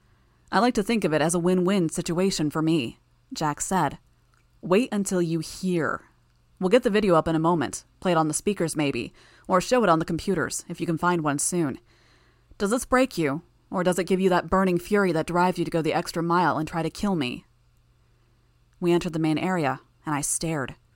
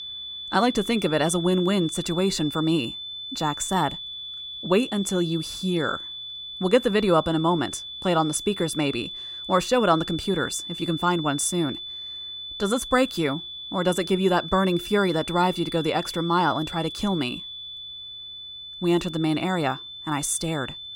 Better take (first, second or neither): first